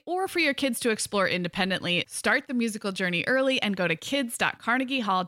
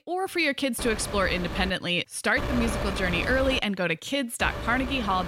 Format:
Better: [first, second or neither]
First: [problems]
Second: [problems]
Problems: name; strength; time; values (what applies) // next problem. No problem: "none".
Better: first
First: none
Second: wind noise on the microphone; heavy; at 1 s, from 2.5 to 3.5 s and at 4.5 s; 9 dB below the speech